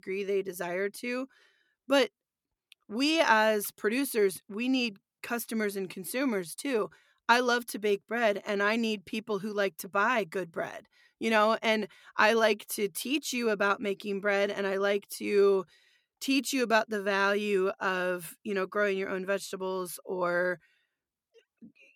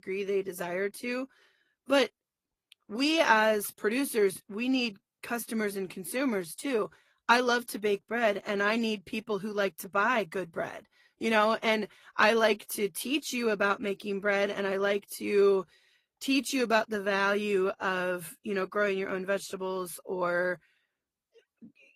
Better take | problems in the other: first | garbled, watery; slightly

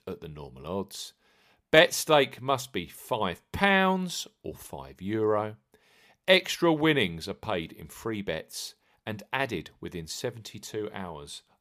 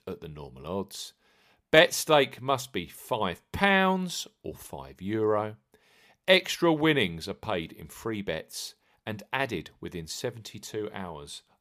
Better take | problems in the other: neither | none

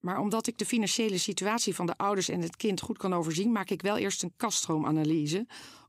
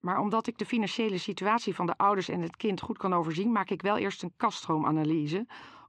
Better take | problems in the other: first | muffled; very; fading above 2.5 kHz

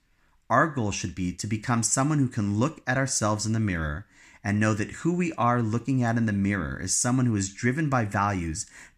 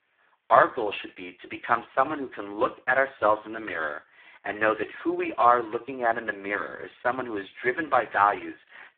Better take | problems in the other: first | phone-call audio; poor line; nothing above 3.5 kHz

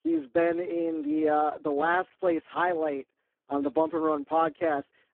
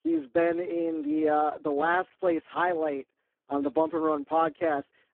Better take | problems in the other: neither | phone-call audio; poor line; the same in both

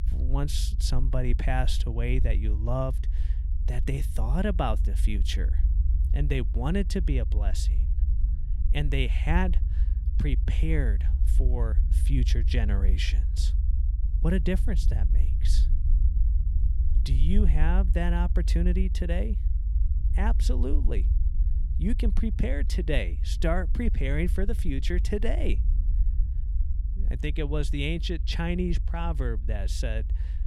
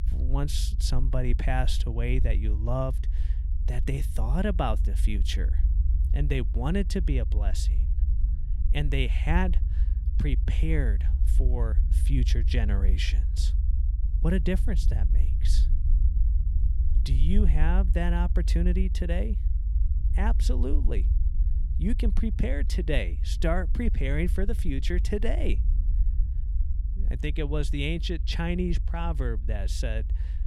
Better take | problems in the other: neither | low rumble; noticeable; throughout; 15 dB below the speech; the same in both

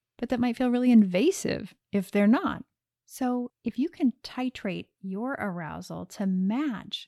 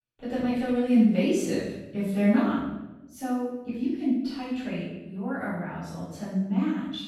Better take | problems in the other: first | room echo; strong; dies away in 0.9 s // off-mic speech; far

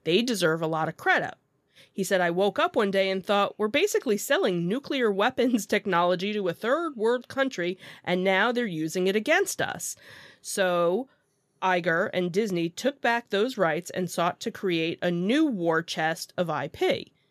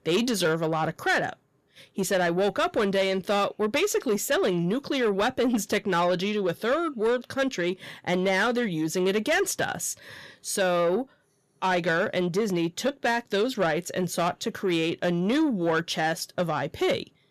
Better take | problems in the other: first | distortion; slight; 10 dB below the speech

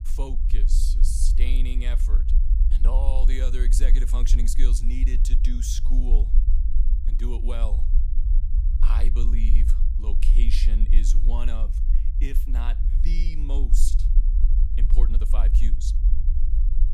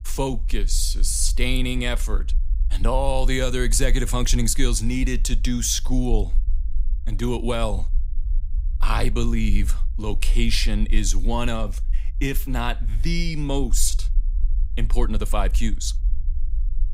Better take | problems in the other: second | low rumble; loud; throughout; 8 dB below the speech; faint in the second

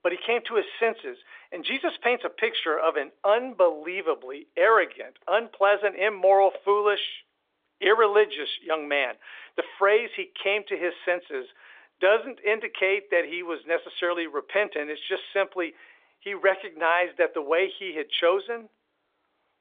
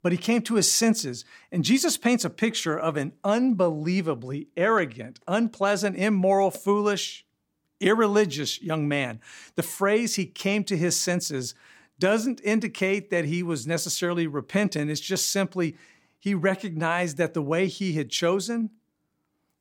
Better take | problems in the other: second | phone-call audio; nothing above 3.5 kHz

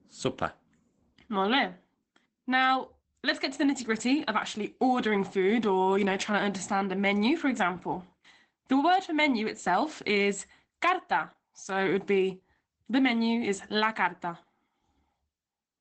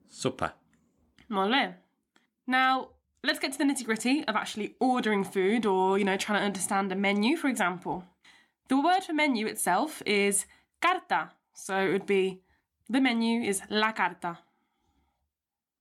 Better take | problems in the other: second | garbled, watery; badly; nothing above 8 kHz

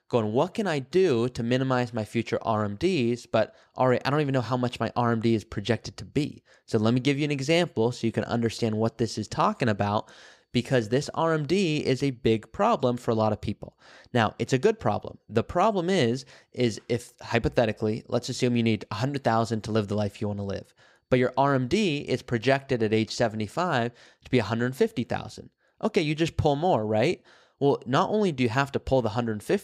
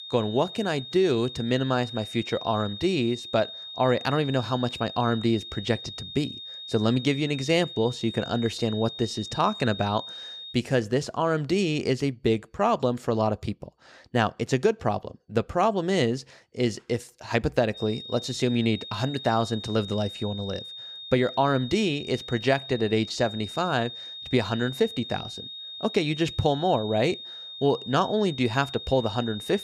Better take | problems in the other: first | high-pitched whine; noticeable; until 11 s and from 18 s on; 3.5 kHz, 10 dB below the speech

